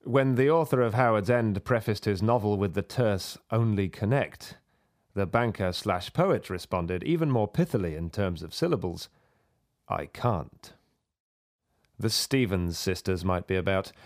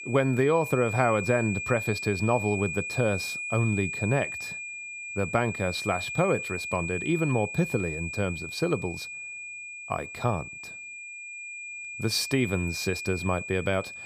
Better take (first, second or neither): first